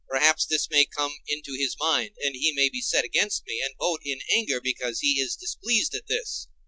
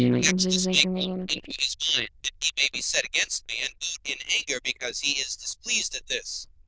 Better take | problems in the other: first | noise reduction (neural diffusion model UNIVERSE++)

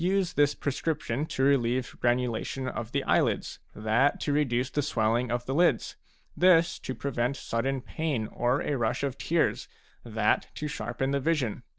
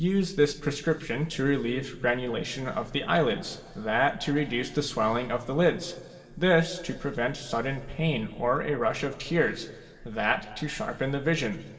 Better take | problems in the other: first | room echo; dies away in 2.6 s

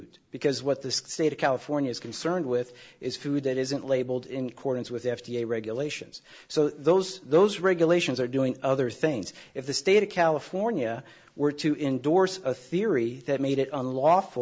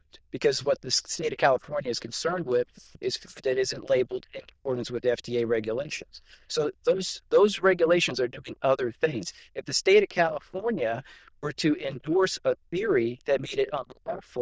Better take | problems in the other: first | noise reduction (neural diffusion model UNIVERSE++)

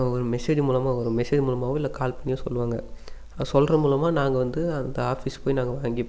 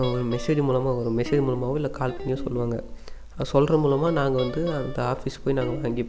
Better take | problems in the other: first | background sound (Guitar); 15 dB below the speech

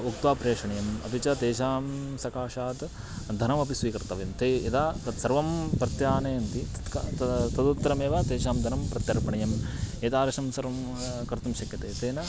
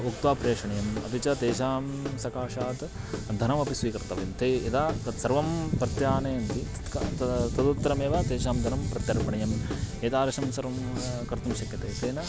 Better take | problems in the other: first | background sound (Guitar / Drum); 9 dB below the speech

